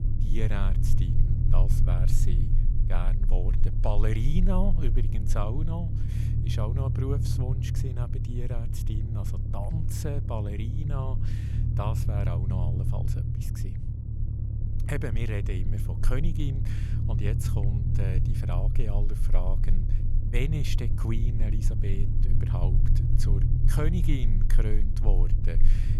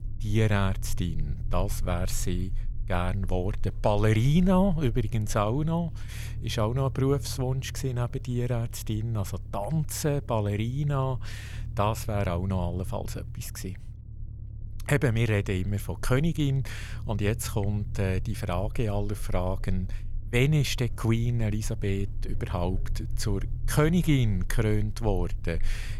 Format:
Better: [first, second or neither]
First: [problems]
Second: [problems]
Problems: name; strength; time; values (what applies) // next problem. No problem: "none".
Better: second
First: low rumble; loud; throughout; 3 dB below the speech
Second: low rumble; faint; throughout; 20 dB below the speech